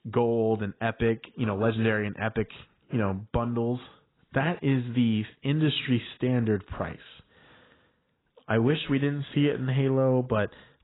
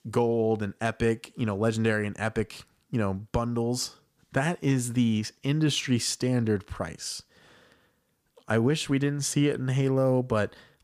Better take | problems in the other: second | garbled, watery; badly; nothing above 4 kHz

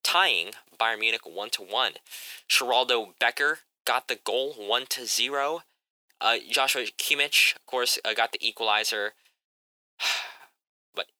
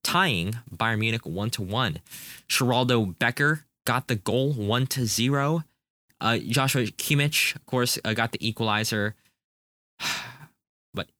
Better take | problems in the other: second | thin; very; fading below 450 Hz

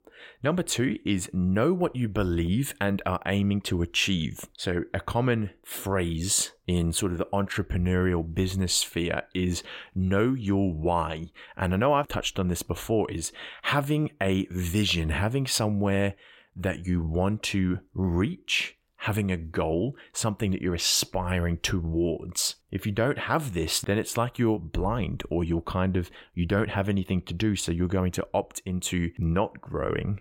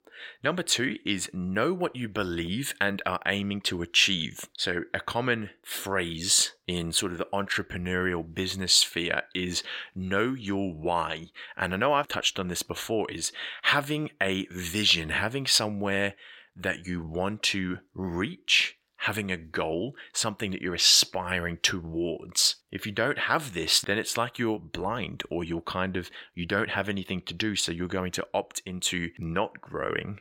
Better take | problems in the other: first | thin; very slightly; fading below 500 Hz

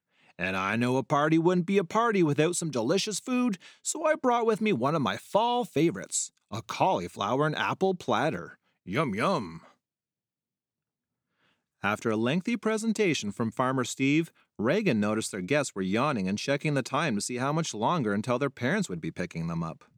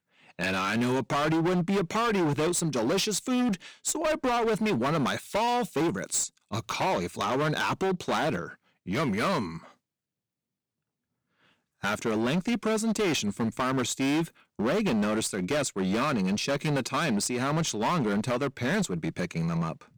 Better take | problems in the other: first | distortion; heavy; 21% of the sound clipped

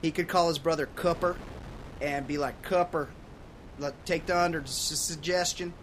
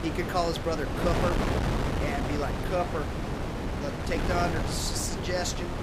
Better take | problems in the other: first | wind noise on the microphone; heavy; 2 dB below the speech; occasional gusts in the first

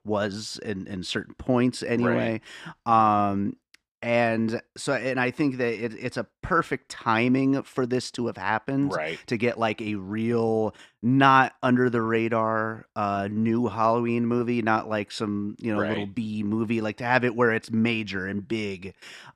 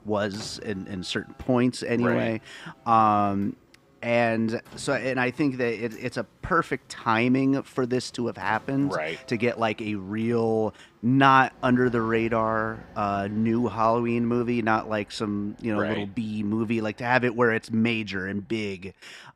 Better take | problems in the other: first | traffic noise; faint; throughout; 25 dB below the speech

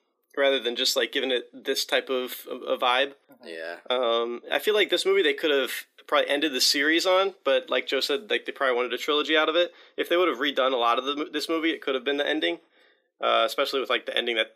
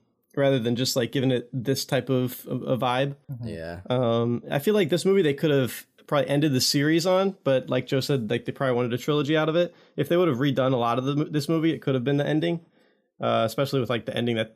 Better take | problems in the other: second | thin; somewhat; fading below 300 Hz

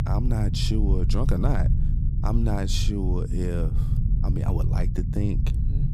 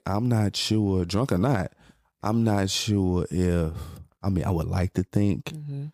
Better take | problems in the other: second | low rumble; loud; throughout; 7 dB below the speech

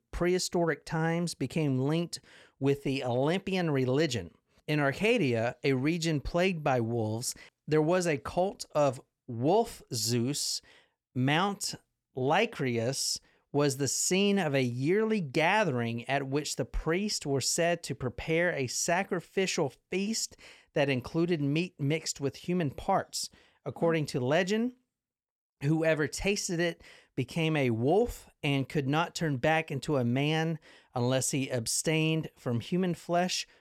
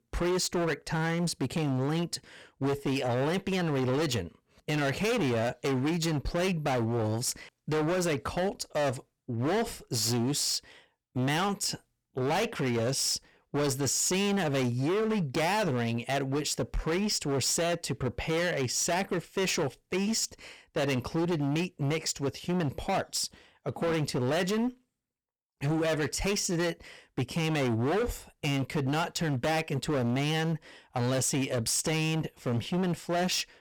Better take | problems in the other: first | distortion; heavy; 22% of the sound clipped

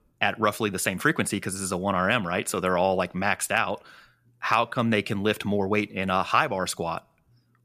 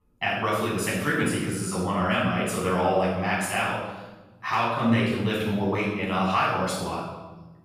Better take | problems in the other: first | room echo; strong; dies away in 1 s // off-mic speech; far

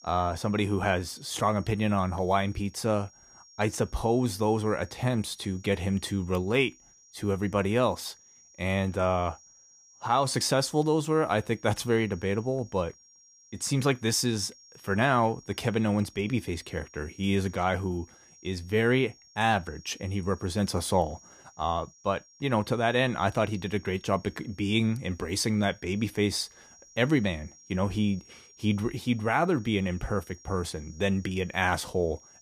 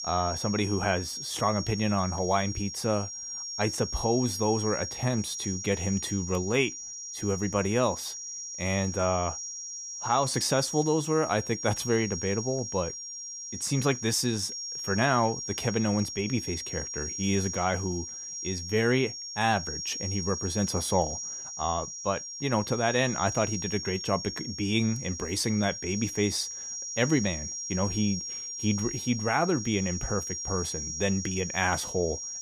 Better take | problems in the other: first | high-pitched whine; loud; throughout; 5.5 kHz, 6 dB below the speech; faint in the first

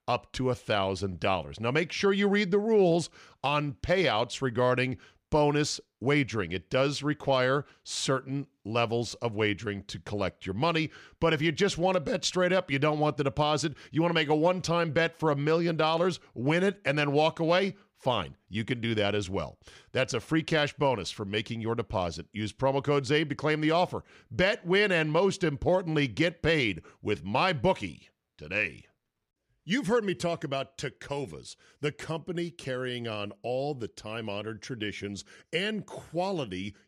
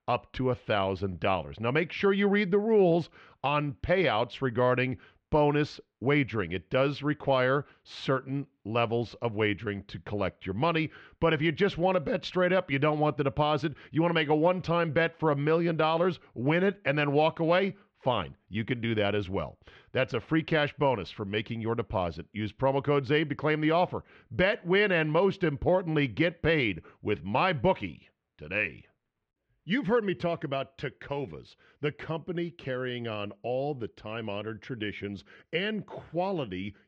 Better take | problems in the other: first | muffled; slightly; fading above 3 kHz

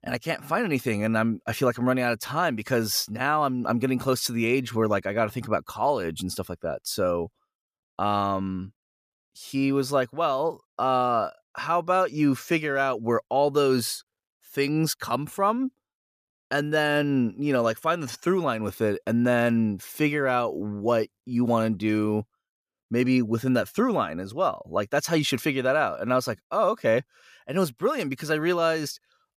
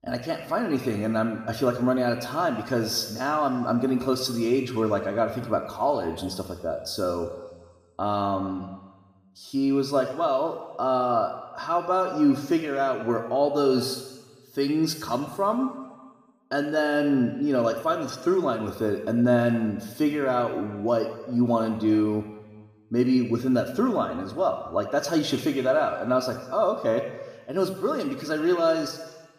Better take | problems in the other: first | room echo; noticeable; dies away in 1.1 s // off-mic speech; somewhat distant

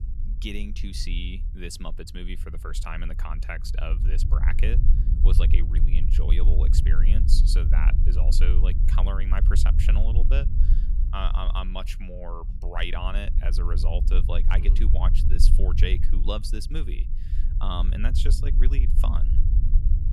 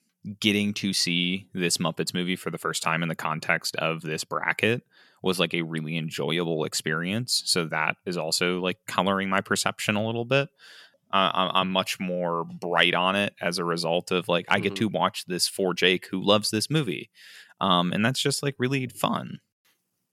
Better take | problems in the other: second | low rumble; loud; throughout; 8 dB below the speech

